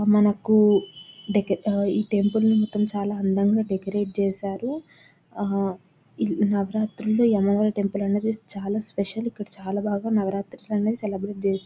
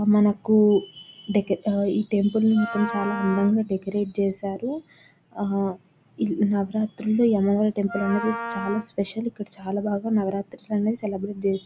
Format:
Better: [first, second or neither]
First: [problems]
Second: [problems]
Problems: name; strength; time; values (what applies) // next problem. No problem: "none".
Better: first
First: none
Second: background sound (Wind instrument, woodwind instrument); 9 dB below the speech